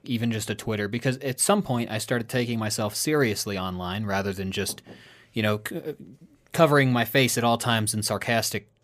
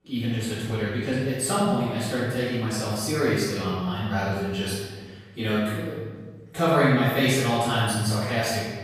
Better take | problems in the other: first | off-mic speech; far // room echo; strong; dies away in 1.4 s

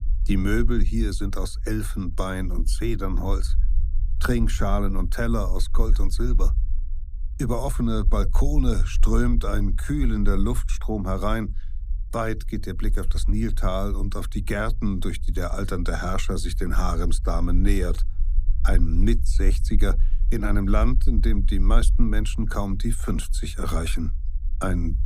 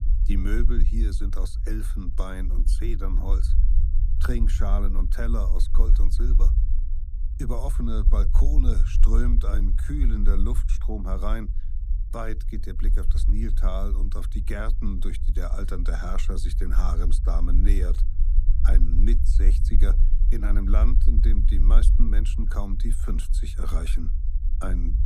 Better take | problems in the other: first | low rumble; loud; throughout; 10 dB below the speech; faint in the first

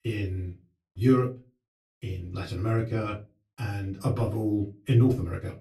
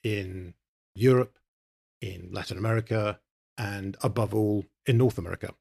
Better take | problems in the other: second | off-mic speech; far // room echo; very slight; dies away in 0.3 s

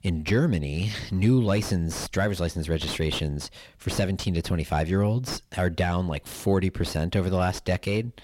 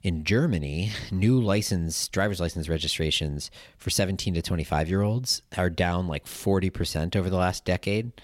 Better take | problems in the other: second | distortion; slight; 9 dB below the speech

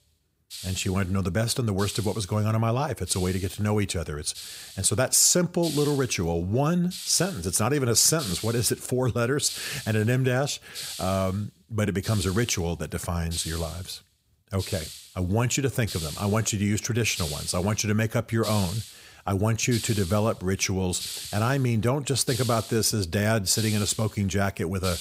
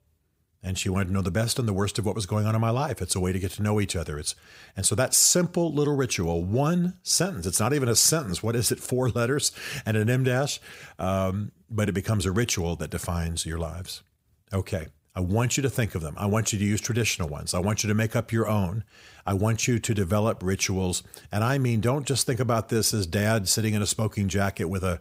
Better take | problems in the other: second | hiss; noticeable; throughout; 10 dB below the speech

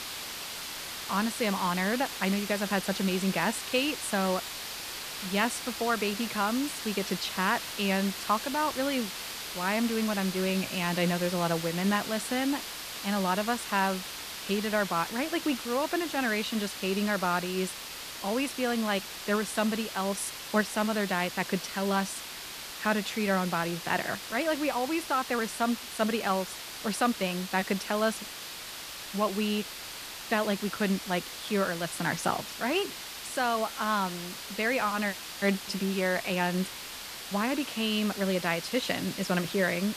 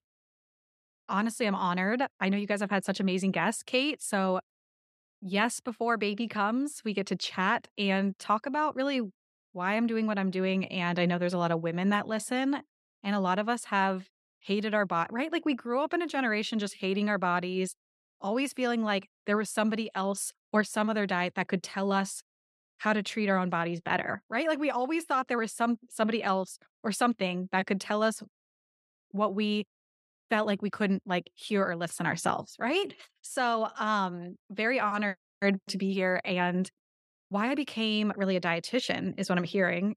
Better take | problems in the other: second | hiss; loud; throughout; 7 dB below the speech

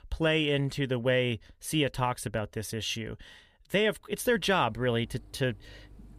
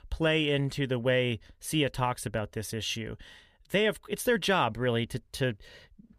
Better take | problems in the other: second | traffic noise; faint; from 4.5 s on; 25 dB below the speech

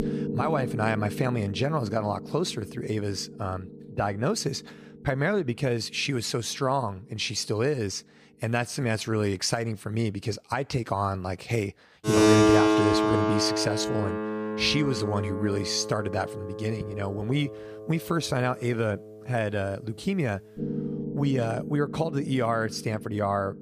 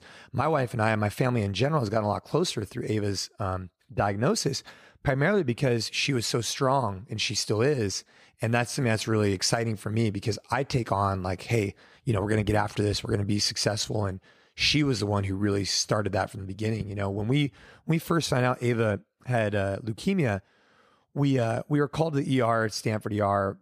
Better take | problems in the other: second | background music; loud; throughout; as loud as the speech

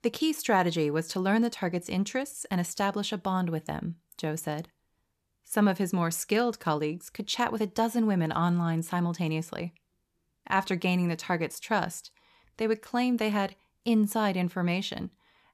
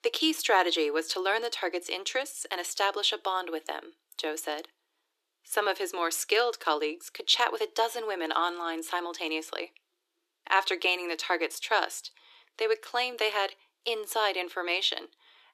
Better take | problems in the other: first | thin; very; fading below 300 Hz

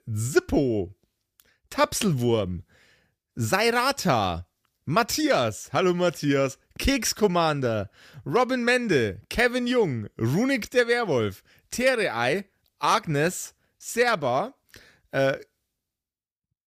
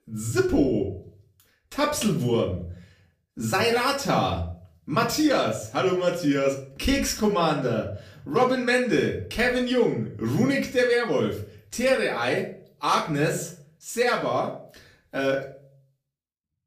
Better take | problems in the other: first | off-mic speech; far // room echo; slight; dies away in 0.4 s

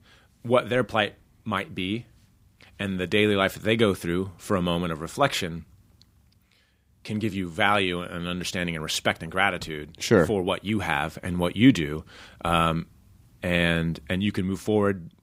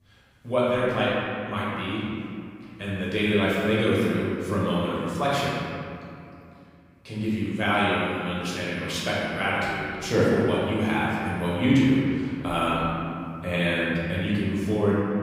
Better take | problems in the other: first | room echo; strong; dies away in 2.2 s // off-mic speech; far

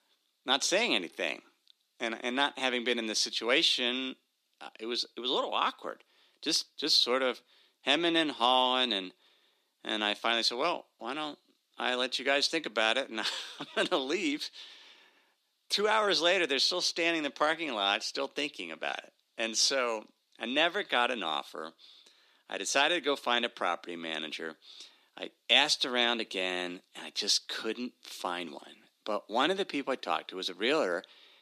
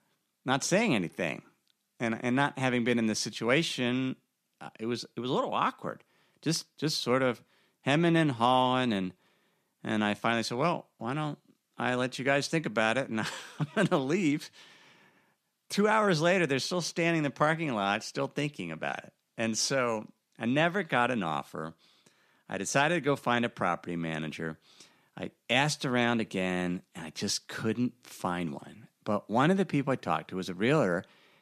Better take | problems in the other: second | thin; somewhat; fading below 300 Hz

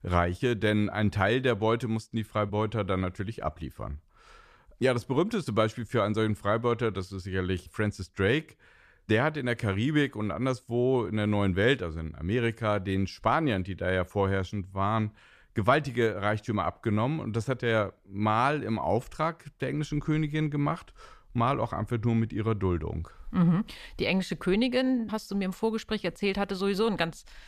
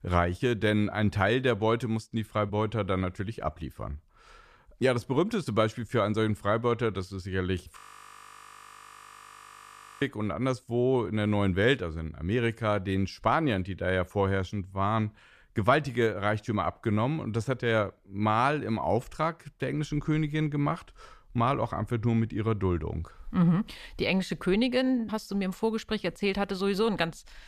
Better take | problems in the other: first | audio freezing; at 8 s for 2 s

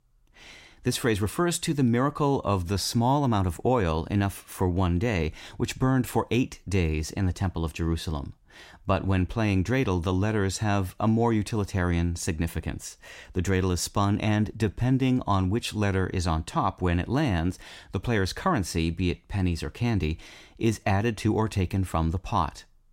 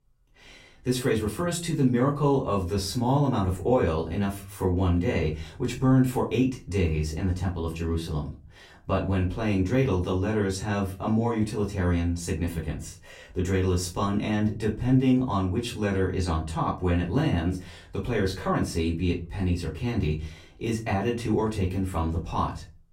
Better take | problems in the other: first | off-mic speech; far // room echo; very slight; dies away in 0.3 s

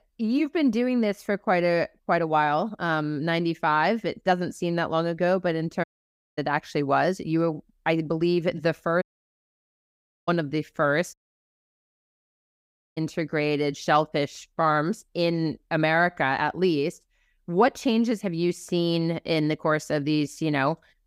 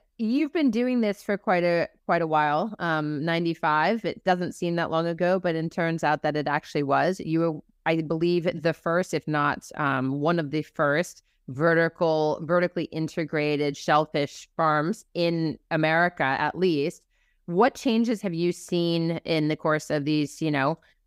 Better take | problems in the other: second | audio cutting out; at 6 s for 0.5 s, at 9 s for 1.5 s and at 11 s for 2 s

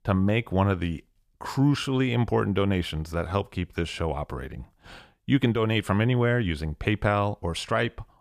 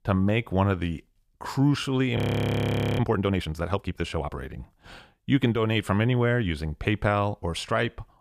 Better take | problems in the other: first | audio freezing; at 2 s for 1 s

